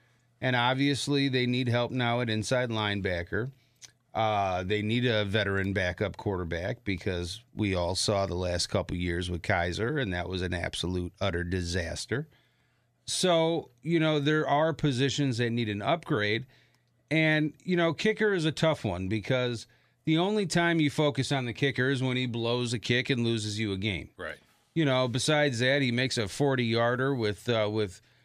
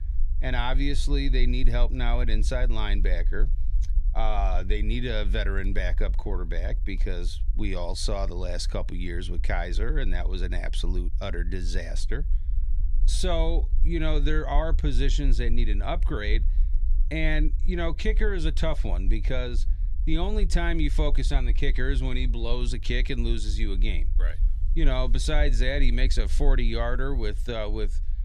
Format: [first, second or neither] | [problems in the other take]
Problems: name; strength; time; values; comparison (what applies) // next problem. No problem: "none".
first | low rumble; faint; throughout; 20 dB below the speech